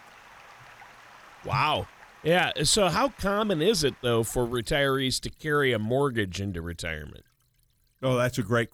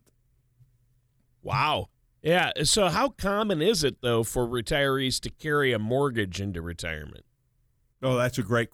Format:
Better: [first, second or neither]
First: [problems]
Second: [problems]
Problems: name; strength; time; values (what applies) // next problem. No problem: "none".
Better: second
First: rain or running water; faint; throughout; 25 dB below the speech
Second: none